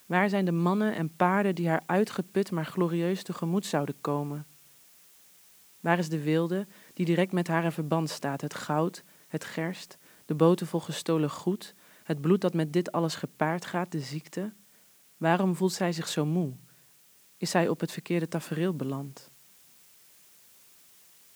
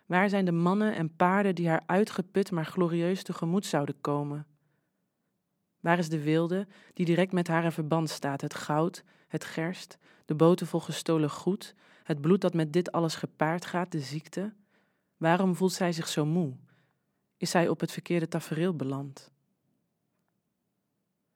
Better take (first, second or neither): second